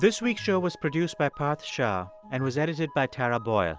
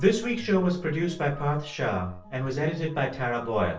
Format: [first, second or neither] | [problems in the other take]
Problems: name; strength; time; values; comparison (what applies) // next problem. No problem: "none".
first | room echo; dies away in 0.4 s